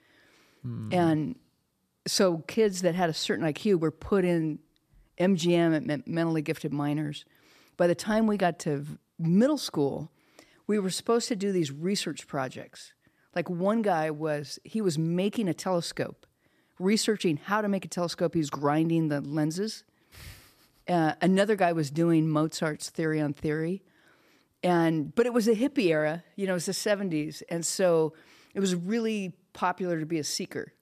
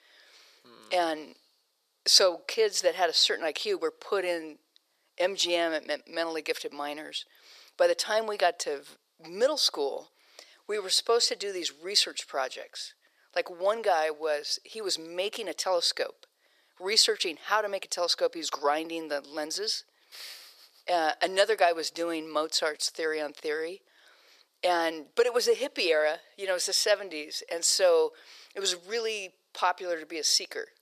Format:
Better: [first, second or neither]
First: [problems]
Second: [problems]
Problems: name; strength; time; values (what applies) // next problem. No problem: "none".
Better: first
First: none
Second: thin; very; fading below 500 Hz